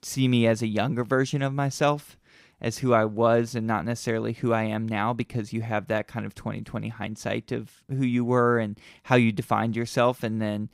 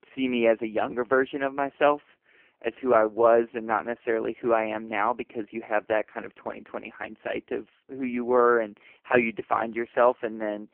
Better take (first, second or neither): first